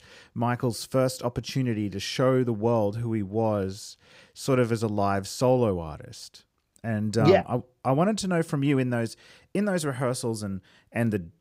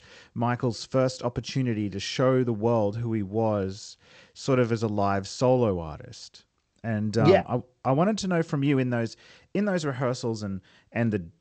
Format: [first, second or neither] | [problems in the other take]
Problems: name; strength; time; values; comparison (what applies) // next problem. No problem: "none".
first | garbled, watery; slightly; nothing above 8 kHz